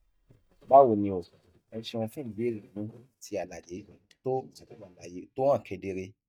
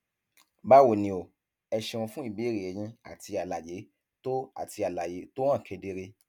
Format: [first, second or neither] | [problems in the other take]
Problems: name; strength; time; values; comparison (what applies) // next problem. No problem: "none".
second | noise reduction (neural mask model DeepFilterNet 3)